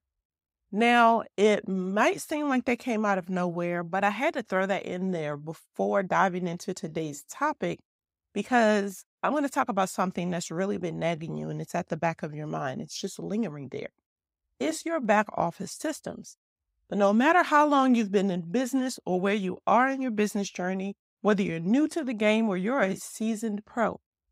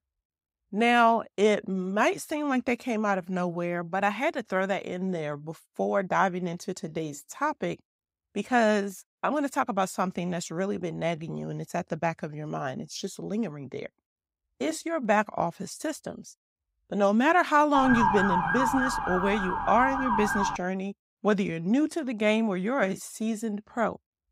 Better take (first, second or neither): first